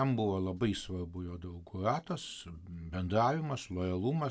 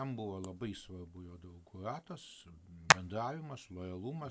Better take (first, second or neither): first